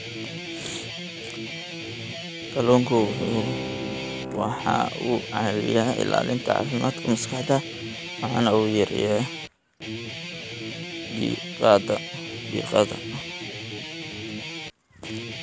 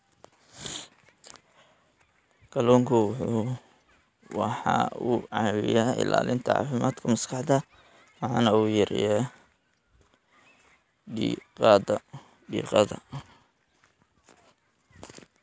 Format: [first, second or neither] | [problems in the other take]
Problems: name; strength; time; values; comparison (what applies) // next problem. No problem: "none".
second | background sound (Bowed string instrument + Guitar); 8 dB below the speech